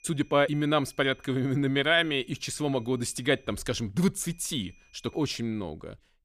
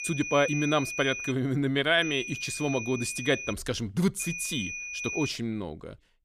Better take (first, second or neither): first